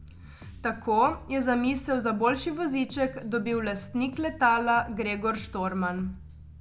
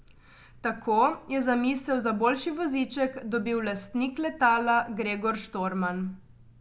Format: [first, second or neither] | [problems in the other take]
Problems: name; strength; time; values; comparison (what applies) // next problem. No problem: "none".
second | background sound (Bass guitar); 18 dB below the speech